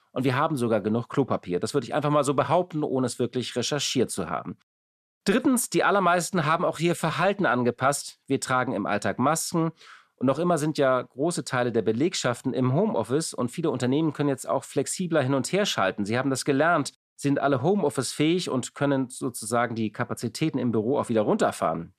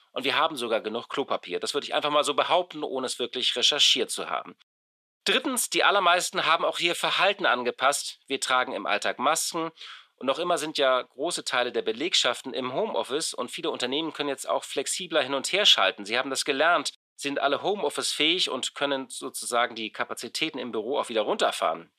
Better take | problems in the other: first | thin; somewhat; fading below 450 Hz

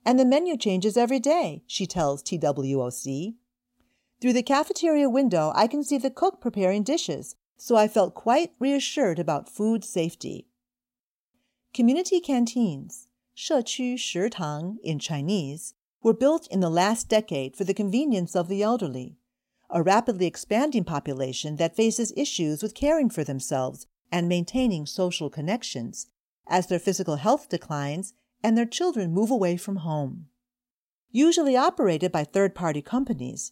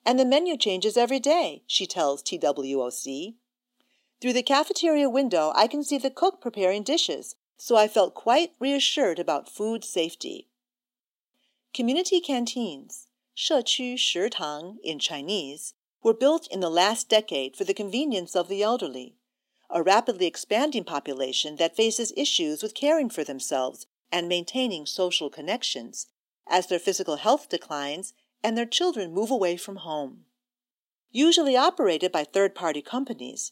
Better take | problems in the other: first | thin; very slightly; fading below 300 Hz

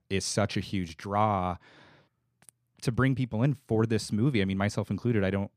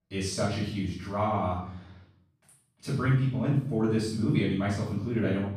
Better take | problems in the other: first | off-mic speech; far // room echo; noticeable; dies away in 0.6 s

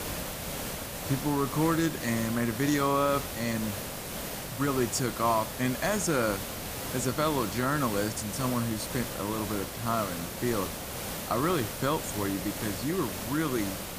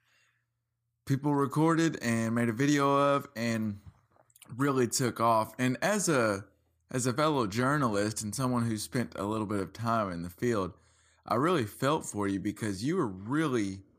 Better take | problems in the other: second | hiss; loud; throughout; 5 dB below the speech

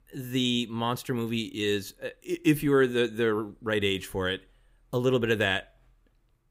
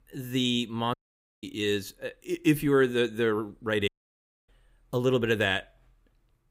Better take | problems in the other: first | audio cutting out; at 1 s and at 4 s for 0.5 s

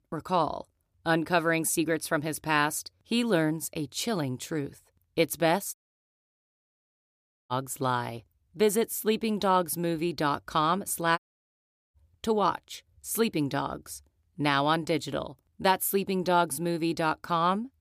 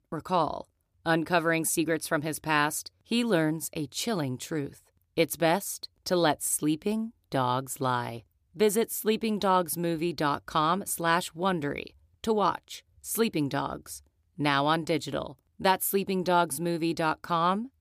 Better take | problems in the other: second | audio cutting out; at 5.5 s for 2 s and at 11 s for 1 s

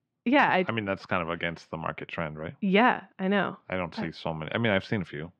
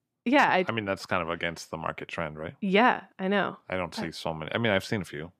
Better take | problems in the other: second | muffled; very slightly; fading above 3 kHz

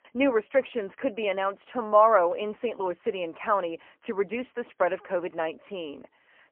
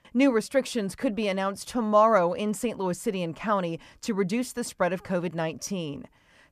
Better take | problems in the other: second | phone-call audio; poor line; nothing above 3 kHz

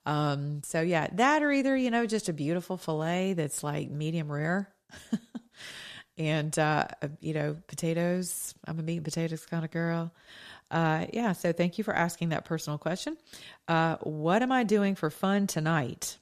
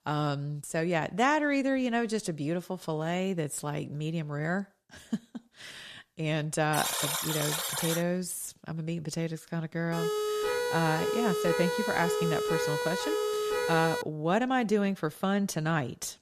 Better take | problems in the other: first | alarm; loud; from 6.5 to 8 s; peak 2 dB above the speech // siren; loud; from 10 to 14 s; peak 1 dB above the speech

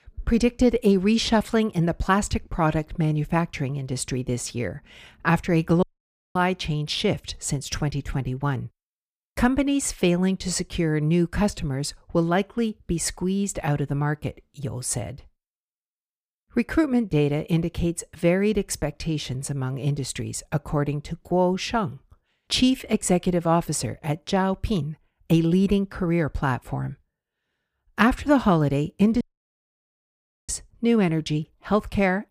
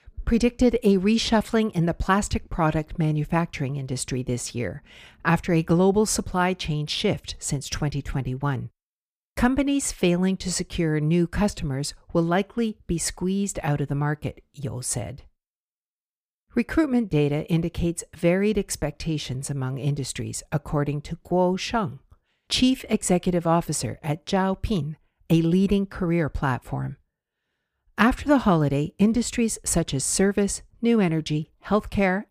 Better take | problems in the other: second | audio cutting out; at 6 s for 0.5 s and at 29 s for 1.5 s

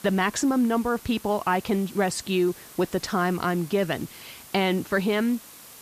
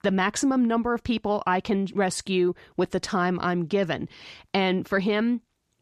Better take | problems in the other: second | hiss; noticeable; throughout; 20 dB below the speech

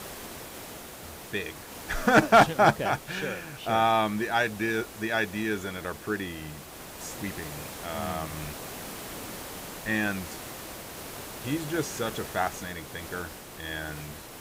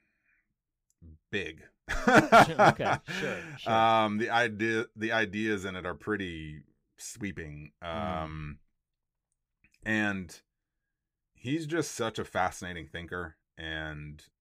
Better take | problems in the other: second | hiss; noticeable; throughout; 15 dB below the speech

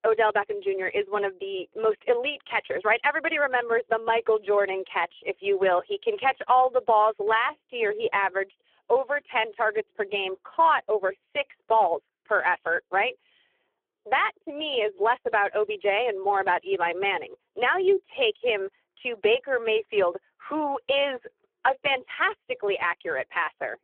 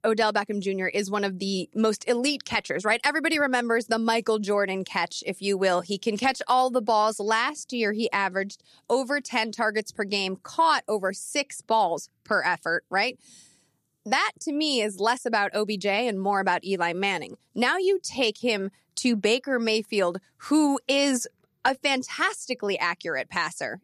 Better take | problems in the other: second | phone-call audio; poor line

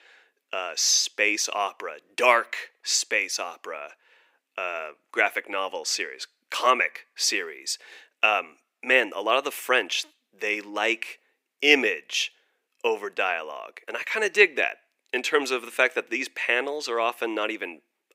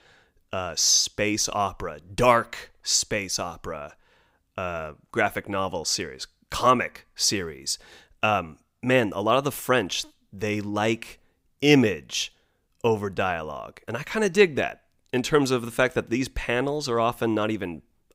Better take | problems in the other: second | thin; somewhat; fading below 350 Hz

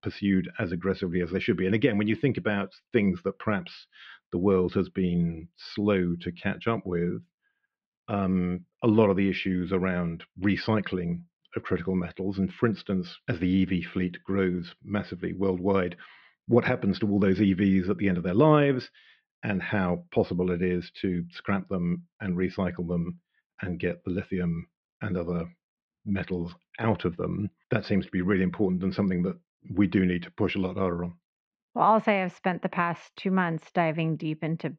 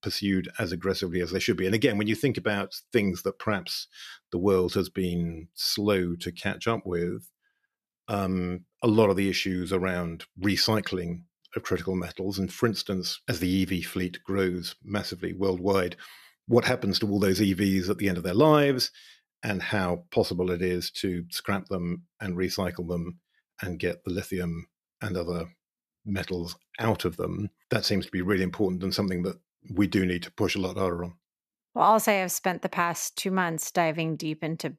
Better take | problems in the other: second | muffled; very; fading above 3 kHz

